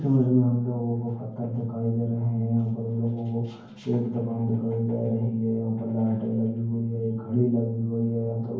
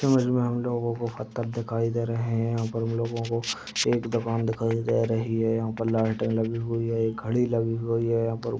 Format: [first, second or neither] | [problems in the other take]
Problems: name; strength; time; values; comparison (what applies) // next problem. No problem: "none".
second | room echo; dies away in 0.9 s